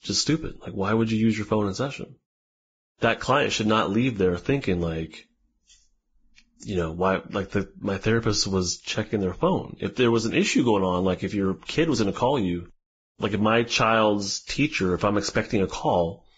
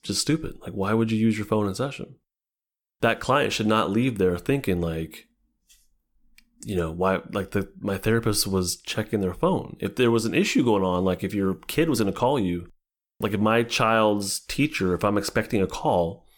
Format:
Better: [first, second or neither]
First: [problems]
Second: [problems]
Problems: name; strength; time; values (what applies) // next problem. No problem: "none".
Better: second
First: garbled, watery; badly; nothing above 7.5 kHz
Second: none